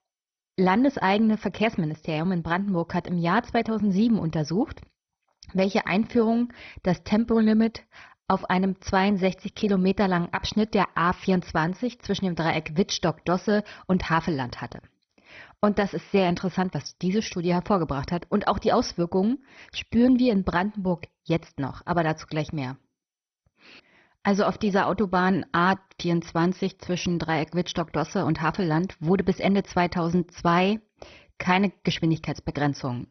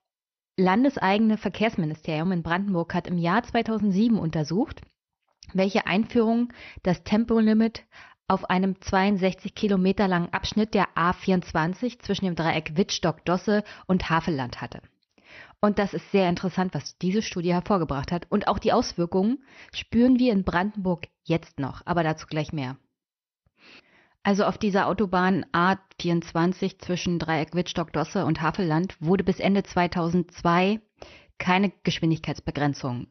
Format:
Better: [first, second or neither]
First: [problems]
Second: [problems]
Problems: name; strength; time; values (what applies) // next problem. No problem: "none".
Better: second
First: garbled, watery; badly; nothing above 6 kHz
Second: garbled, watery; slightly; nothing above 6 kHz